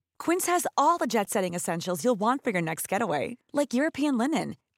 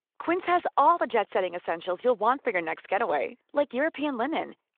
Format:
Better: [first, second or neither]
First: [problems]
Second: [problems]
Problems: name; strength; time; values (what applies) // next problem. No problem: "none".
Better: first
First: none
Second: phone-call audio